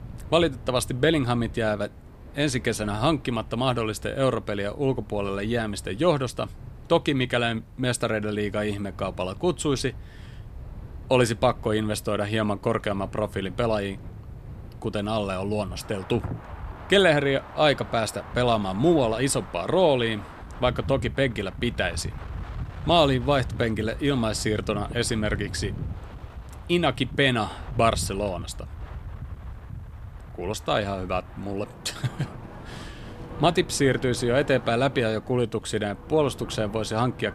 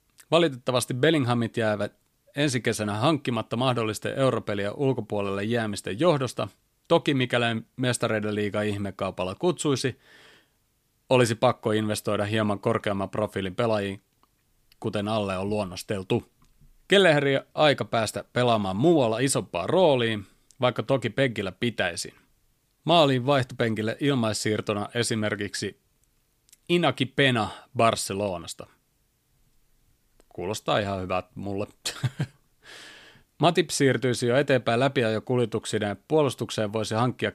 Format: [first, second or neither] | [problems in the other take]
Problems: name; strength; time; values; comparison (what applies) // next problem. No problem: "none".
second | wind in the background; noticeable; throughout; 15 dB below the speech